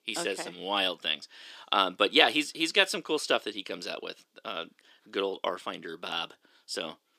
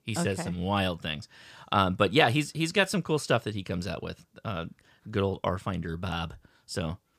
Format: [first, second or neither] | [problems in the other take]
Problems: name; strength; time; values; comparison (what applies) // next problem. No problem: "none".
second | thin; somewhat; fading below 300 Hz